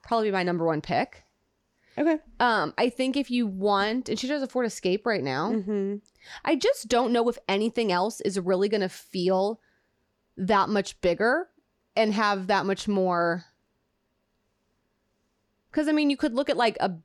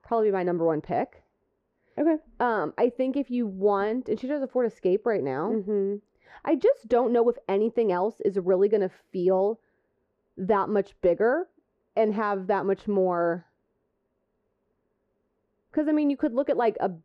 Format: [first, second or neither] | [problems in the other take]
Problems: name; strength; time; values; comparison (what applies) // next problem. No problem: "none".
first | muffled; very; fading above 3 kHz